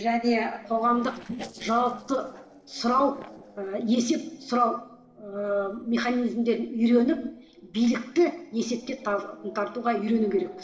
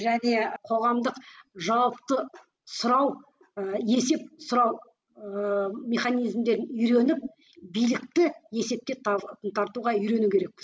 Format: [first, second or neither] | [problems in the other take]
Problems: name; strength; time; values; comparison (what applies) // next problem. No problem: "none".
second | noise reduction (neural separator model SepFormer DNS4)